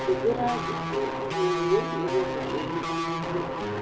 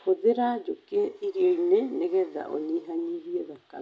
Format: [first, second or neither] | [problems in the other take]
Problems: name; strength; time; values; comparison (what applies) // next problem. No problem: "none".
second | background sound (Guitar); 1 dB below the speech // room echo; dies away in 1.8 s